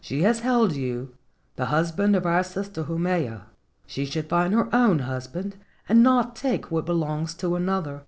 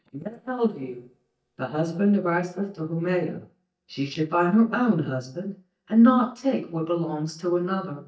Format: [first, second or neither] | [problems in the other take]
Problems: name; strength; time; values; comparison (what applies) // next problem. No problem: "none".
first | noise reduction (neural mask model DeepFilterNet 3)